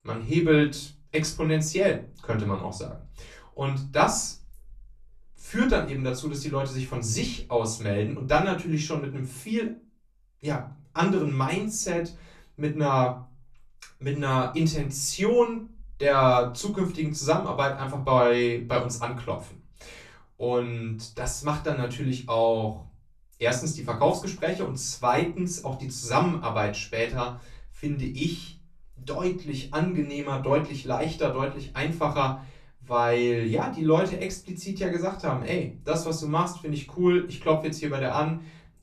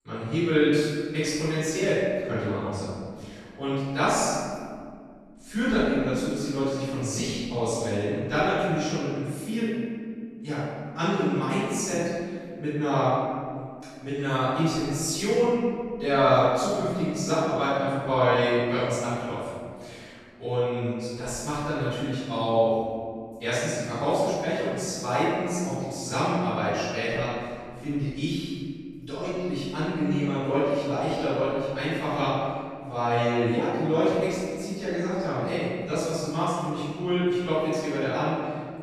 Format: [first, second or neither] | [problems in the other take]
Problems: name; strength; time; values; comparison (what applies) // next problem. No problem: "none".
first | room echo; strong; dies away in 2 s; slight in the first // off-mic speech; far; far in the first